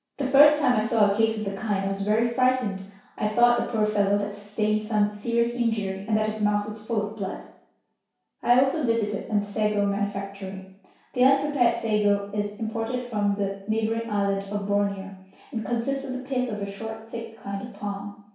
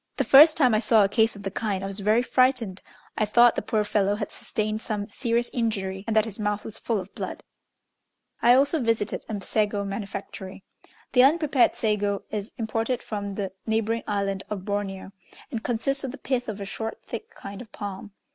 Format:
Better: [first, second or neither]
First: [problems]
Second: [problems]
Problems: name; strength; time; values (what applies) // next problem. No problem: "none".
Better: second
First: room echo; dies away in 0.6 s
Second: none